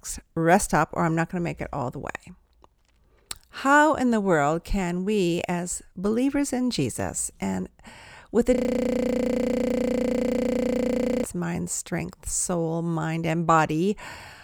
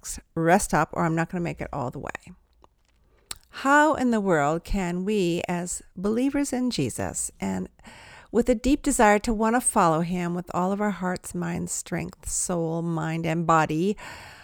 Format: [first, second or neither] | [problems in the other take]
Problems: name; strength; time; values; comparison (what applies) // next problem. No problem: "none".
second | audio freezing; at 8.5 s for 2.5 s